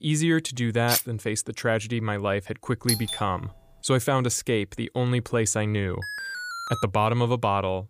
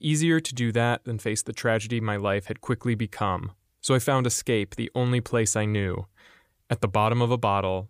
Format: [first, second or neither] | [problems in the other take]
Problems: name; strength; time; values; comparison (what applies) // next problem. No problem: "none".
second | clattering dishes; loud; at 1 s; peak level with the speech // doorbell; noticeable; at 3 s; peak 1 dB below the speech // alarm; noticeable; at 6 s; peak 6 dB below the speech